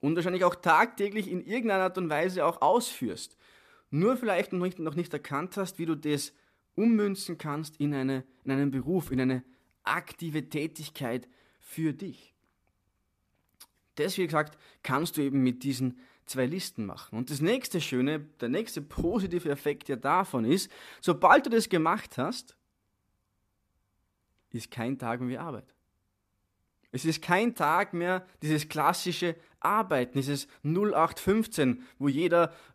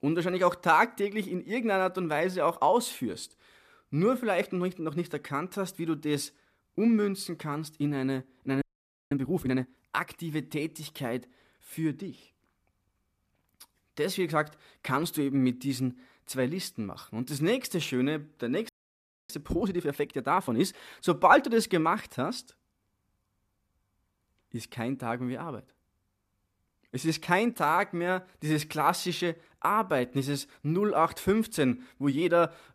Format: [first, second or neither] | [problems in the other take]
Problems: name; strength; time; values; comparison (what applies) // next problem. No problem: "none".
first | audio freezing; at 8.5 s and at 19 s for 0.5 s